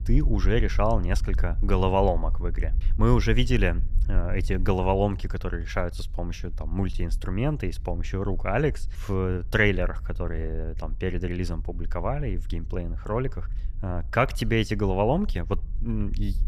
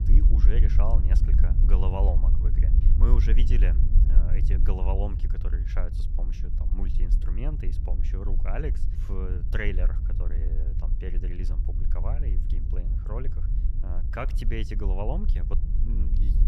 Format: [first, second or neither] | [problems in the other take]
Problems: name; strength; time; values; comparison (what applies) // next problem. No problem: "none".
first | low rumble; loud; throughout; 7 dB below the speech; faint in the first